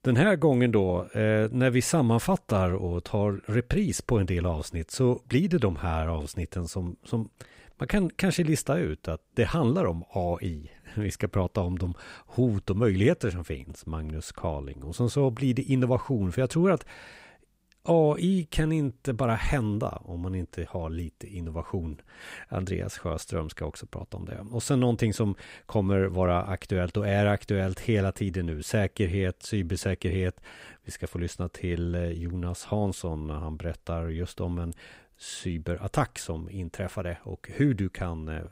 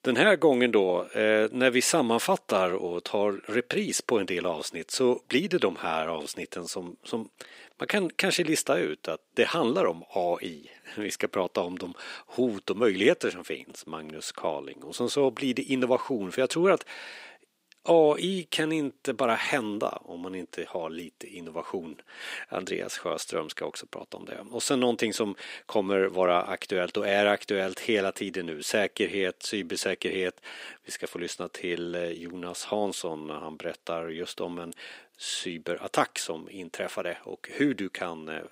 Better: first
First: none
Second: thin; somewhat; fading below 300 Hz

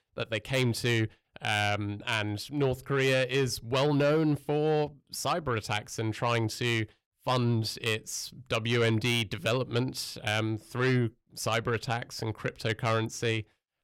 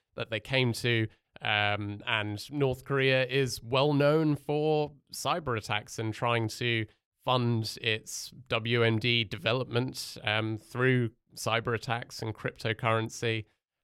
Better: second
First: distortion; slight; 10 dB below the speech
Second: none

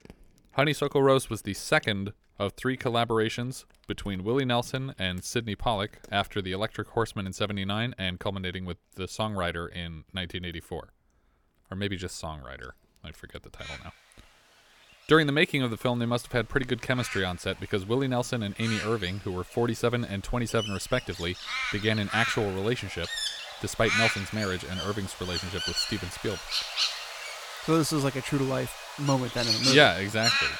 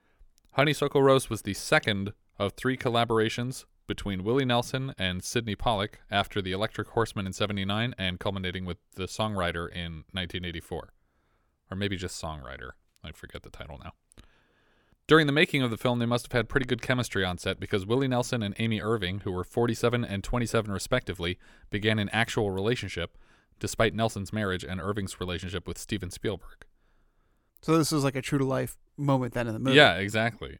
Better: second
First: animal sounds; loud; throughout; 3 dB below the speech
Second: none

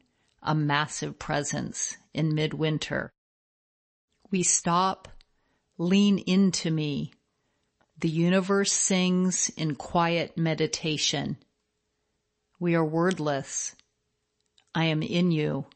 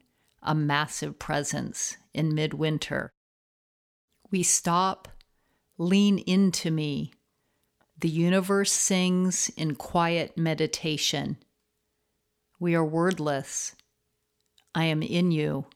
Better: second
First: garbled, watery; slightly; nothing above 8 kHz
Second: none

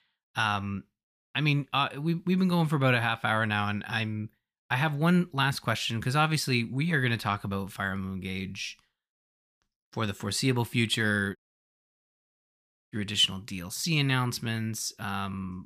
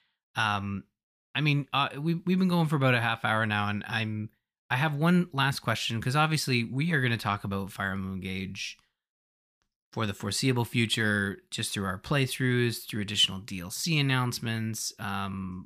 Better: second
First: audio cutting out; at 11 s for 1.5 s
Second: none

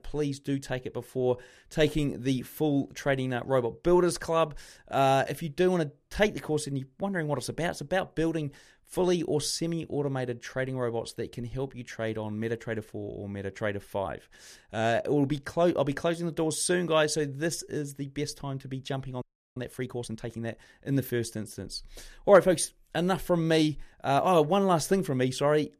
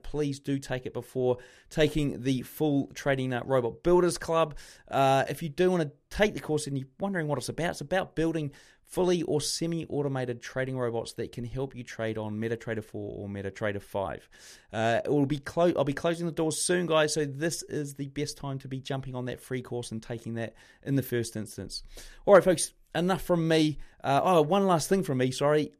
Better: second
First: audio freezing; at 19 s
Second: none

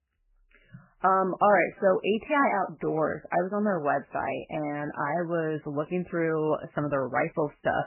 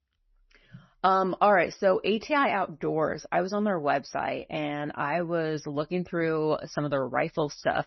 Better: second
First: garbled, watery; badly; nothing above 3 kHz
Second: garbled, watery; slightly; nothing above 6 kHz

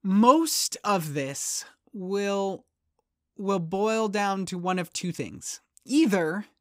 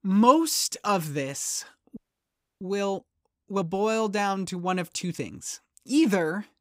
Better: first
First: none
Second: audio freezing; at 2 s for 0.5 s

